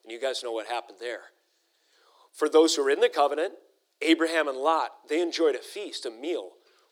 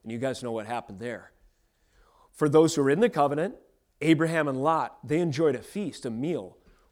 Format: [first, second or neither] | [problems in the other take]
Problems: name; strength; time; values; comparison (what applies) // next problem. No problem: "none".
second | thin; very; fading below 350 Hz